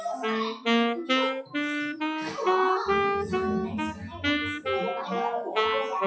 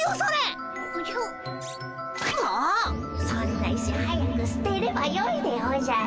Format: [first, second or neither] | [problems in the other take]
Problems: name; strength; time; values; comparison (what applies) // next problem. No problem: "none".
second | noise reduction (classical method WPE with log-MMSE)